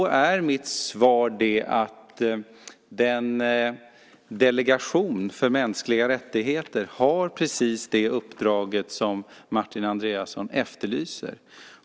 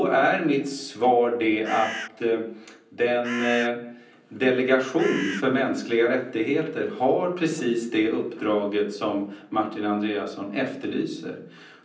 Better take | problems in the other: first | background sound (Bird); 8 dB below the speech // room echo; dies away in 0.6 s

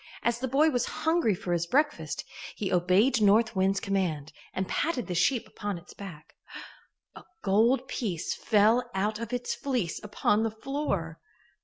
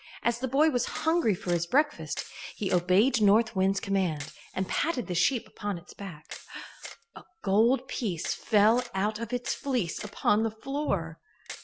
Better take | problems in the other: first | background sound (Camera); 20 dB below the speech

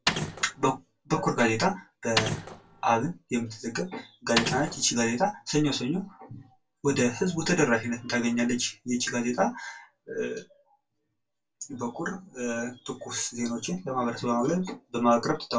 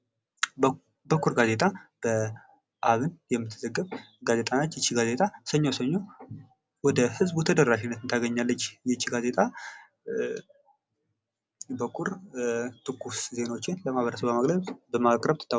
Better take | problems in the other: second | background sound (Mechanisms); 3 dB below the speech // room echo; dies away in 0.2 s

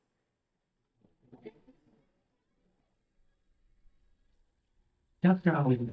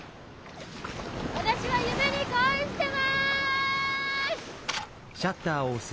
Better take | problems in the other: second | noise reduction (neural mask model DeepFilterNet 3)

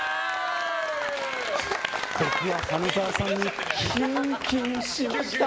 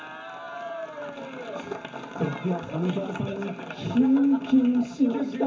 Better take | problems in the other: first | room echo; dies away in 0.3 s

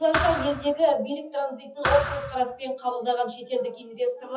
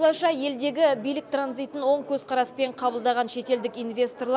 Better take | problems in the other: second | noise reduction (classical method WPE with log-MMSE)

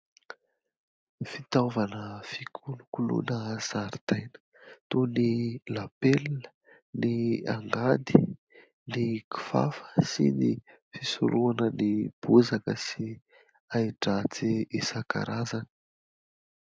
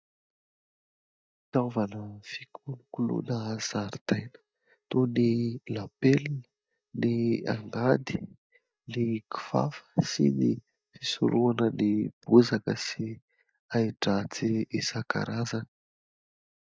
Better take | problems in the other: first | noise reduction (neural mask model DeepFilterNet 3)

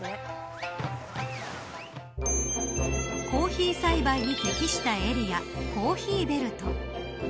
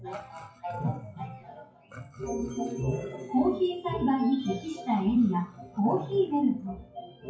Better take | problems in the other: first | noise reduction (classical method WPE with log-MMSE)

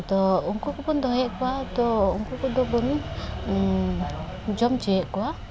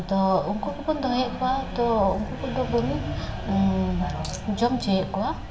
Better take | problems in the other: first | background sound (Coin (dropping)); 15 dB below the speech // room echo; dies away in 0.8 s

